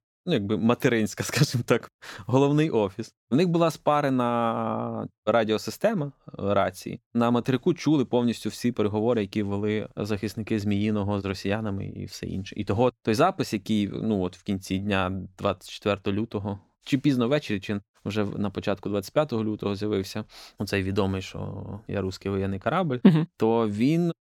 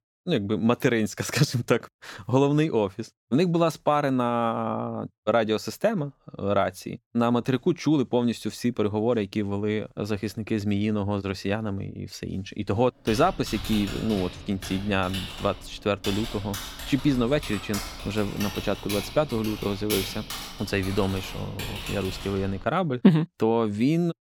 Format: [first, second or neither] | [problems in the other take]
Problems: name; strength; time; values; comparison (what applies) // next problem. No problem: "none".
first | keyboard typing; noticeable; from 13 to 23 s; peak 4 dB below the speech